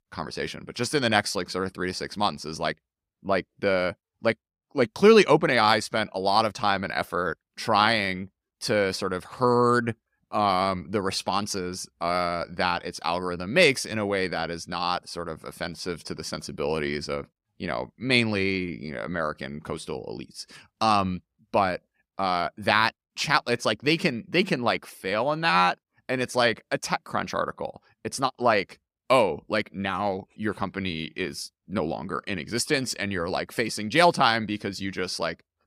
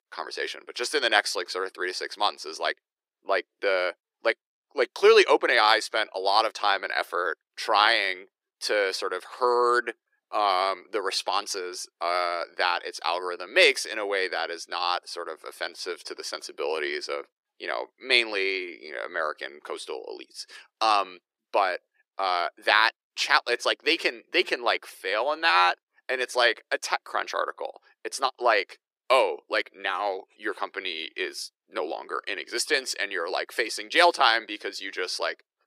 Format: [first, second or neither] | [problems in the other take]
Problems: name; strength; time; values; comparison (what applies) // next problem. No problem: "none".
first | thin; very; fading below 350 Hz